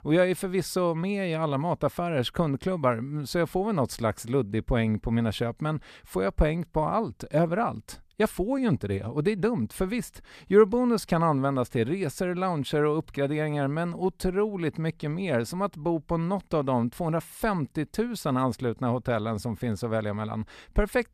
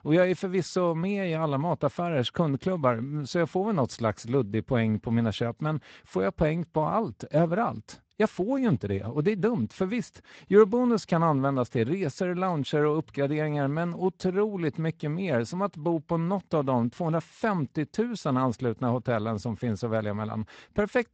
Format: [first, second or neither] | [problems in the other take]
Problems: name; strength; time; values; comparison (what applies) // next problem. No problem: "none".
first | garbled, watery; slightly; nothing above 8 kHz